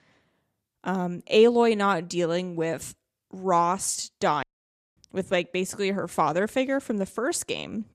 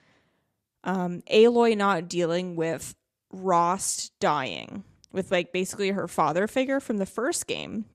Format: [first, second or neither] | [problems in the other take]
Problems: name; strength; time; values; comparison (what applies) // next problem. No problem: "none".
second | audio cutting out; at 4.5 s for 0.5 s